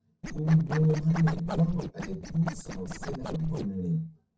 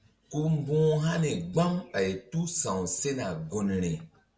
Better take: second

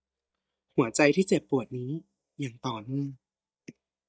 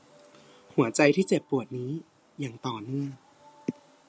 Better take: second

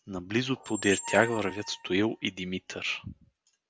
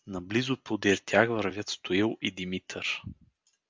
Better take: second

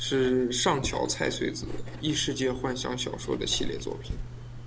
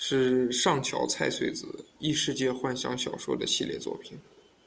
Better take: second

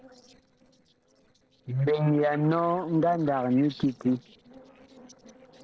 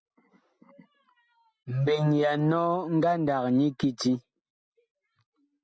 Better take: second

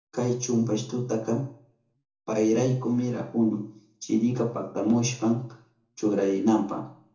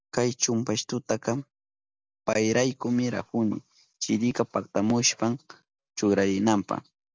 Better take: second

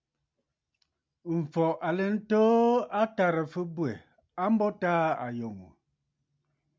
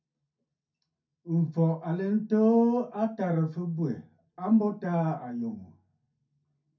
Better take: first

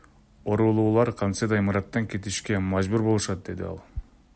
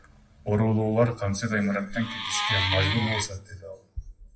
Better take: first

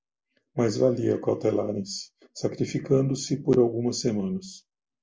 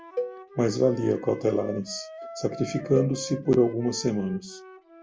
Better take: first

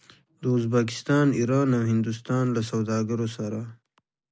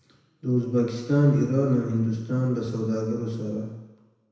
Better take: first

